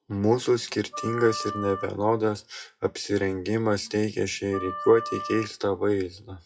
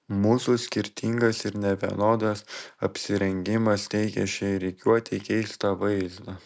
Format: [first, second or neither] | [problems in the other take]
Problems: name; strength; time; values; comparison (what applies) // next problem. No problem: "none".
second | noise reduction (classical method WPE with log-MMSE)